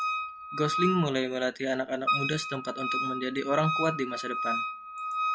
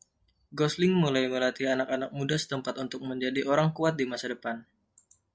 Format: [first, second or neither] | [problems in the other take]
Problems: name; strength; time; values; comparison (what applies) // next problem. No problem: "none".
second | background sound (Wind instrument, woodwind instrument); 1 dB below the speech